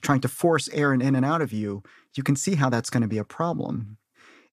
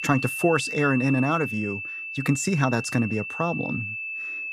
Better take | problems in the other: first | high-pitched whine; loud; throughout; 2.5 kHz, 6 dB below the speech

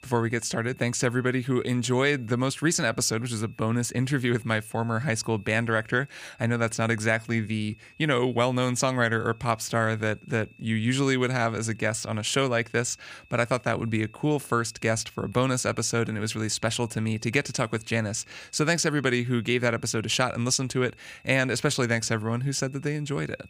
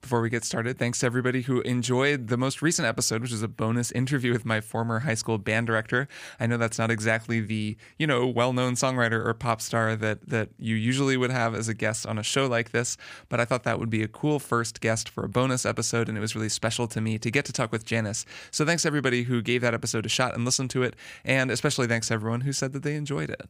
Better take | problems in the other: second | high-pitched whine; faint; throughout; 2.5 kHz, 30 dB below the speech

